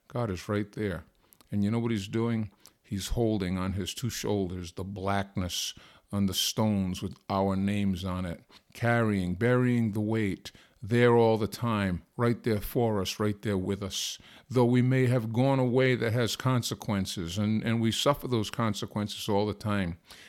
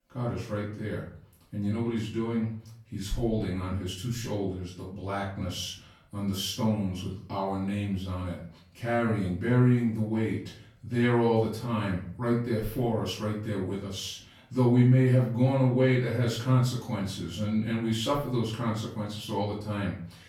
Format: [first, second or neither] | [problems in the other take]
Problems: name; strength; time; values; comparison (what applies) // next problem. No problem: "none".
first | off-mic speech; far // room echo; noticeable; dies away in 0.5 s